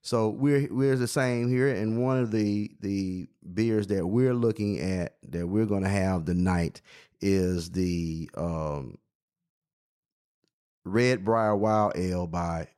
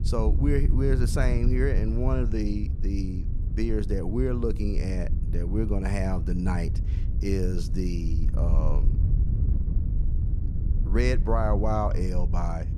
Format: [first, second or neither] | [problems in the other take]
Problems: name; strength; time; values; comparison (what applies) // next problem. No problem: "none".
first | wind noise on the microphone; occasional gusts; 10 dB below the speech